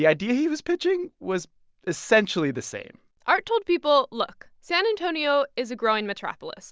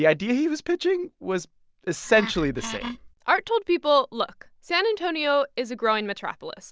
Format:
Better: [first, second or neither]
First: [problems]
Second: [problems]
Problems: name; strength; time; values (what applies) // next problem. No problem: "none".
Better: first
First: none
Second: background sound (Wood); 10 dB below the speech